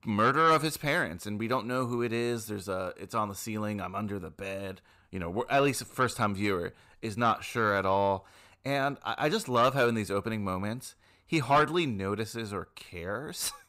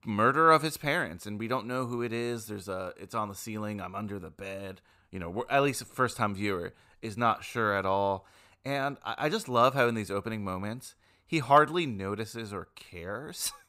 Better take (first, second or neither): second